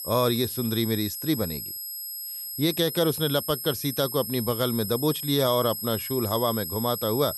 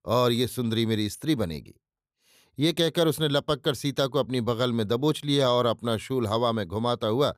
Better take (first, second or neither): second